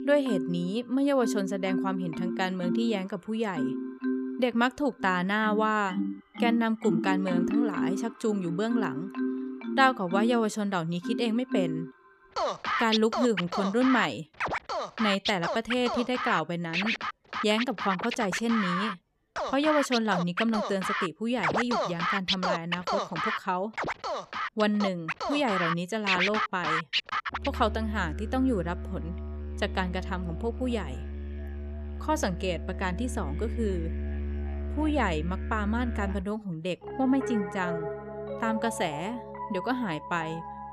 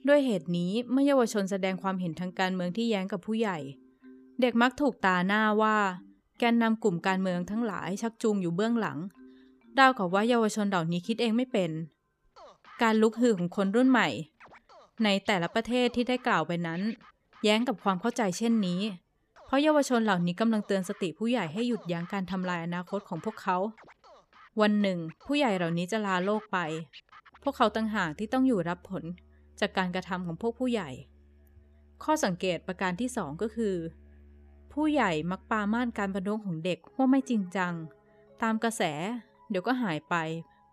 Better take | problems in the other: second | background music; loud; throughout; 3 dB below the speech; faint in the second

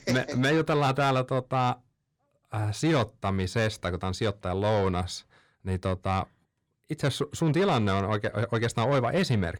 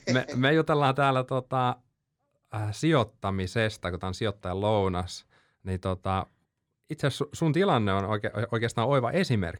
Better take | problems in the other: second | distortion; slight; 10 dB below the speech

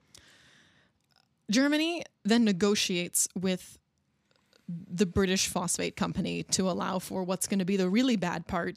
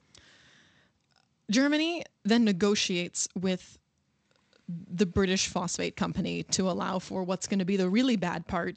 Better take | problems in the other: first | garbled, watery; slightly; nothing above 8 kHz

